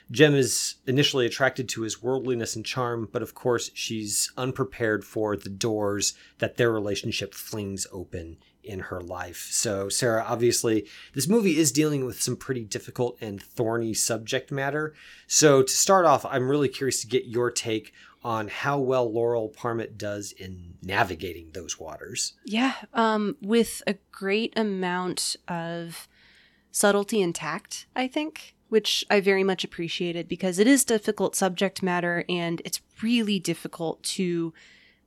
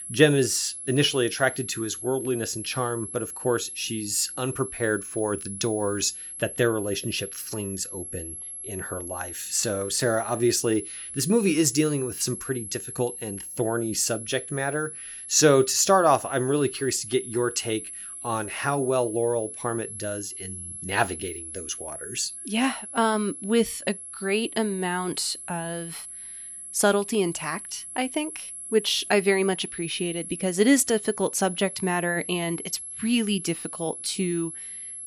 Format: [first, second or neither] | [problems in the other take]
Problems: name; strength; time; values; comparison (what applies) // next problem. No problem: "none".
first | high-pitched whine; loud; throughout; 11 kHz, 9 dB below the speech